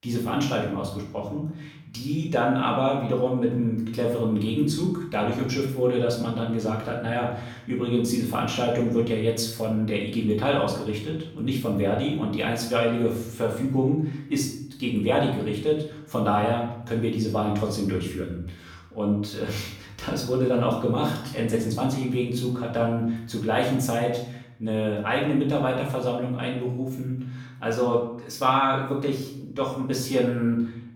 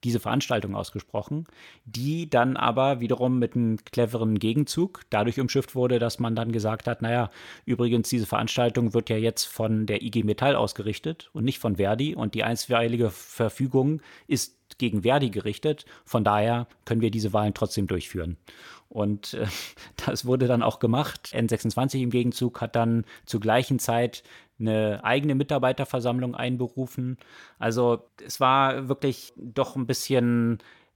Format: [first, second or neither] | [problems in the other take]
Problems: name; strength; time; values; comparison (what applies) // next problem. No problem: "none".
second | room echo; noticeable; dies away in 0.7 s // off-mic speech; far